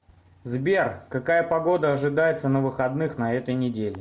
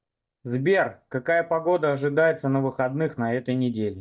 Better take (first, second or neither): first